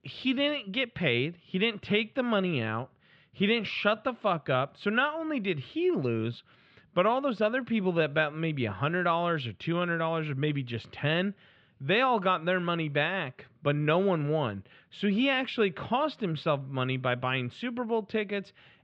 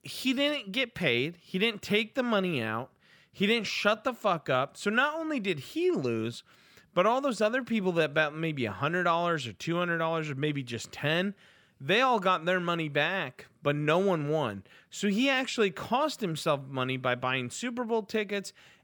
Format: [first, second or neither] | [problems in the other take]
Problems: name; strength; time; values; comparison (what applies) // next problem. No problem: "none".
second | muffled; slightly; fading above 3.5 kHz